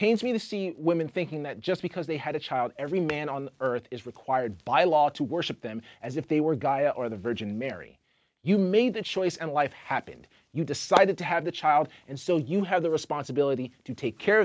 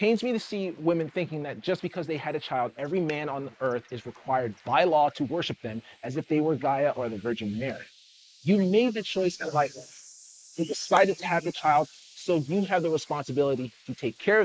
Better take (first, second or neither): first